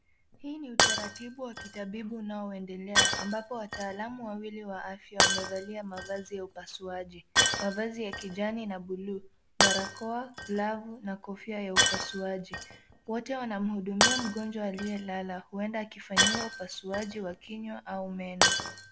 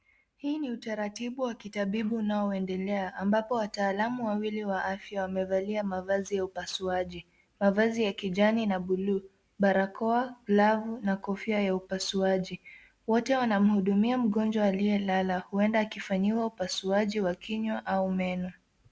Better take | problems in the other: second | background sound (Shatter); 4 dB above the speech

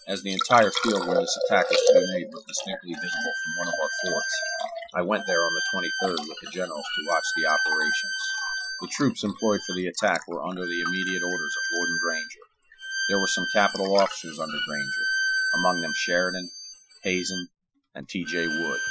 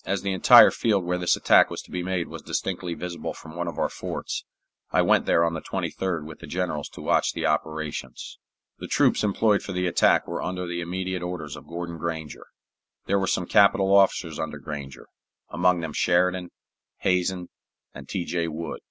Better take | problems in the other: second | noise reduction (classical method Wiener filter)

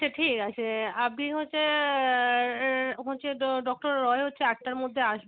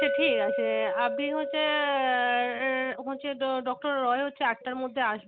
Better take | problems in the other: first | background sound (Chink, clink); 5 dB below the speech

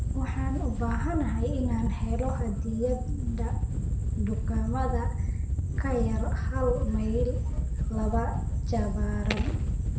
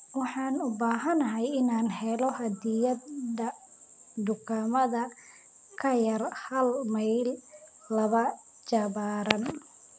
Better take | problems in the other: second | background sound (Wind / Boat, Water vehicle); 5 dB above the speech // room echo; dies away in 0.7 s

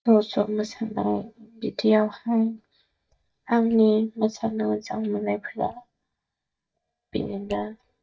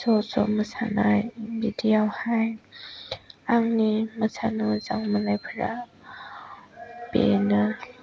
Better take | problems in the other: second | noise reduction (neural mask model DeepFilterNet 3)

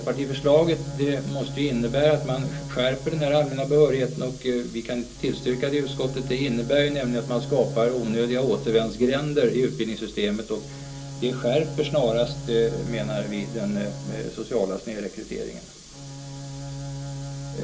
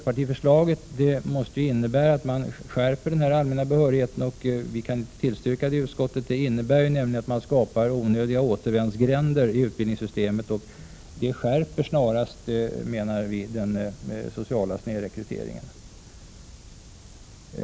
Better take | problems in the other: second | background sound (Bowed string instrument); 11 dB below the speech // room echo; dies away in 0.2 s

